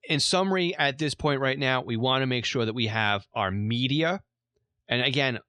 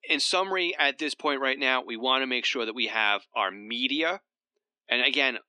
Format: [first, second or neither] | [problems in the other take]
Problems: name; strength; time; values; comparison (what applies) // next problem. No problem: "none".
first | thin; somewhat; fading below 250 Hz